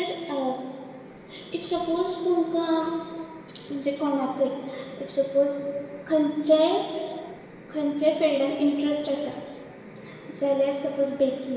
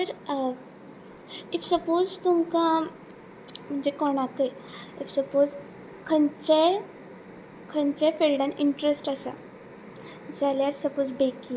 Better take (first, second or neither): second